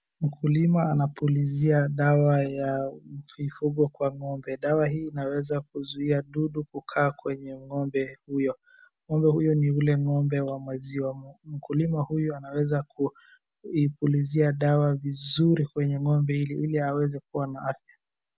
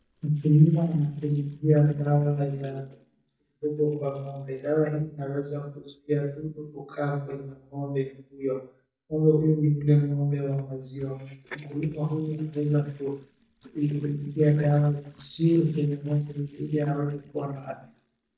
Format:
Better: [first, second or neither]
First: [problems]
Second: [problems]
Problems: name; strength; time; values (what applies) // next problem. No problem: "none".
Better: first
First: none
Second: noise reduction (neural mask model DeepFilterNet 3)